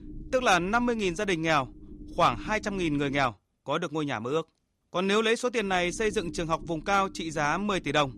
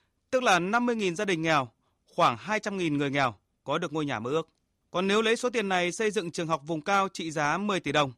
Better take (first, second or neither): second